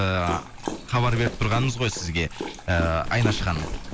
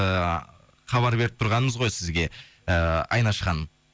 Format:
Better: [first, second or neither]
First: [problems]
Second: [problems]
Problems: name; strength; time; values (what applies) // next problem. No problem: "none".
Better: second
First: background sound (Dog + Wind); 7 dB below the speech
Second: none